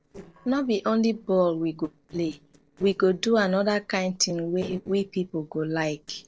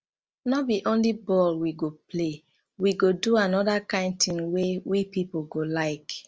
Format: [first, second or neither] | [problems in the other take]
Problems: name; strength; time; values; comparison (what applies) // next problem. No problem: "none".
second | noise reduction (neural separator model SepFormer DNS4)